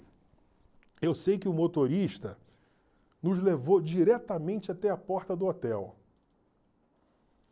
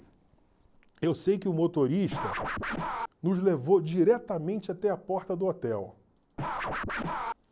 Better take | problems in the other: first | background sound (Scratching (performance technique)); 7 dB below the speech

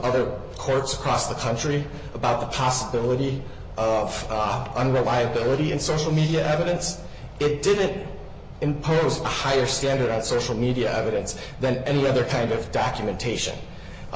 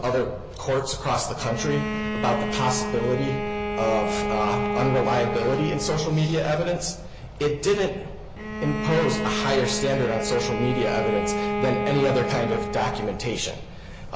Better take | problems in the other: first | background sound (Bowed string instrument); 4 dB below the speech

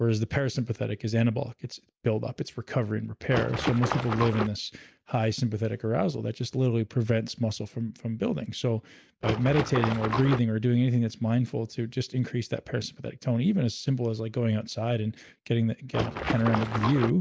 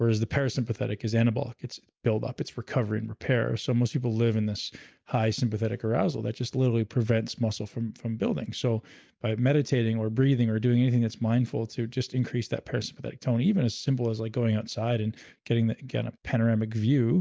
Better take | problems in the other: second | background sound (Water / Splash, splatter); 3 dB below the speech

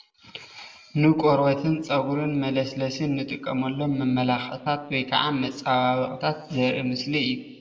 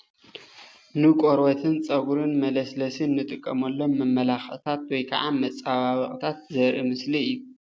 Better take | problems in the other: second | room echo; dies away in 1 s

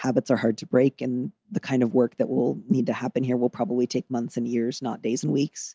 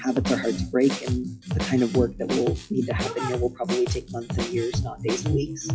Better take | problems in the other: first | noise reduction (classical method WPE with log-MMSE)

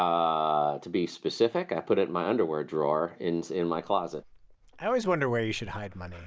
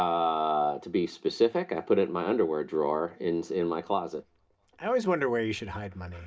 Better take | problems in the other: first | room echo; dies away in 0.3 s

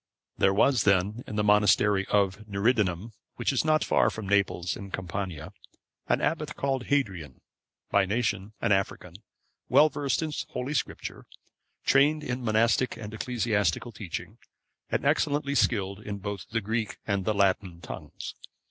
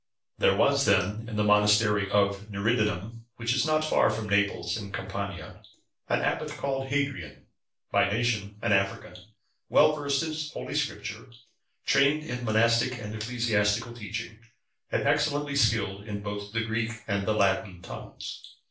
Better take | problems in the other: first | room echo; dies away in 0.3 s

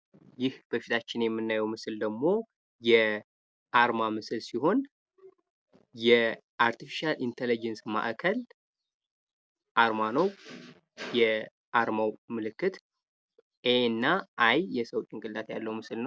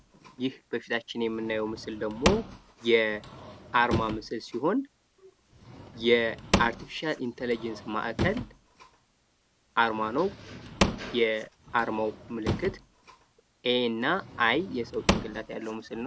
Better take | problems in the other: first | background sound (Drawer open or close / Wood); 5 dB below the speech

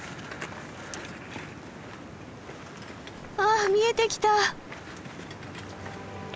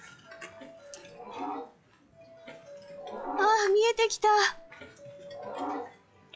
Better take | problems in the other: first | noise reduction (classical method log-MMSE)

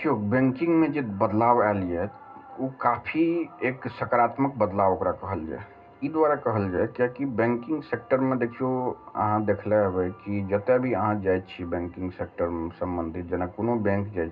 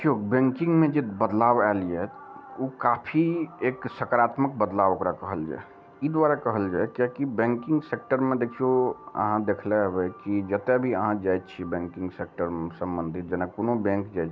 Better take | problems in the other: second | room echo; dies away in 0.2 s

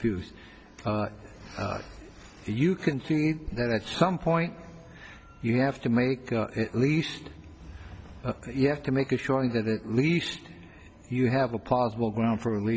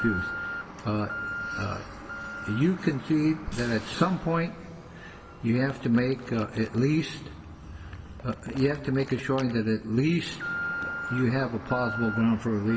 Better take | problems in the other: first | background sound (Alarm); 10 dB below the speech // room echo; dies away in 1.6 s

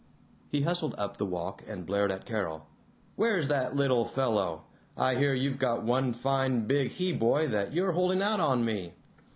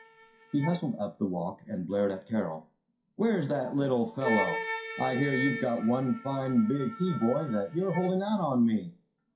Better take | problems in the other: first | noise reduction (classical method WPE with log-MMSE)

